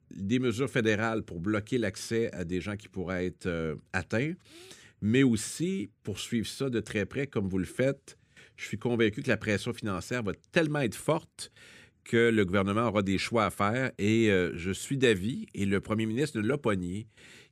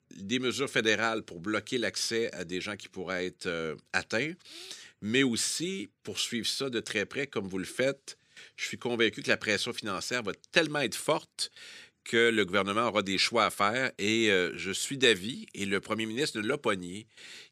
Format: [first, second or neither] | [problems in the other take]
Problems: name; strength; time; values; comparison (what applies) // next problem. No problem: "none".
first | thin; very slightly; fading below 500 Hz